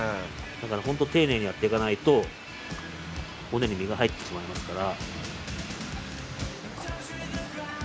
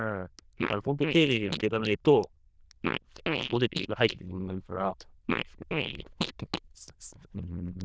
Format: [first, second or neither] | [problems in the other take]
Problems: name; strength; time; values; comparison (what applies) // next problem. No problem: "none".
first | noise reduction (neural diffusion model UNIVERSE++)